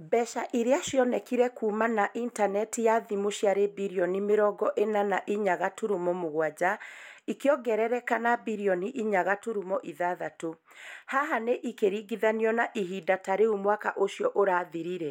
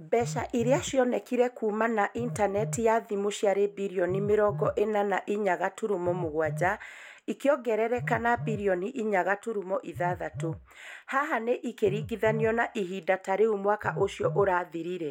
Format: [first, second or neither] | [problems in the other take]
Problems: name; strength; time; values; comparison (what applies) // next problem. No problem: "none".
first | background sound (Telephone); 13 dB below the speech